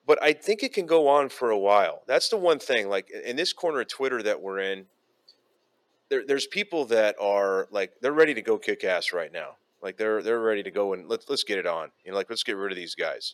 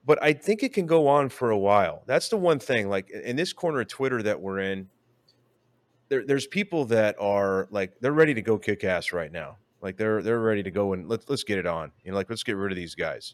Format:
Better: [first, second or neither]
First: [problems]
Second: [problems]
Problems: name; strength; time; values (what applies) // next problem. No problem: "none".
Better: second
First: thin; somewhat; fading below 400 Hz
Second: none